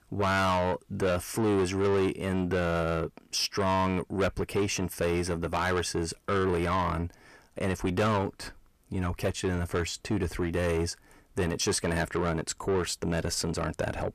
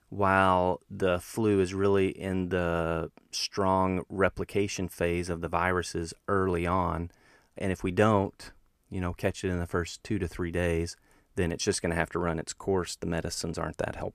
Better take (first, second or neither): second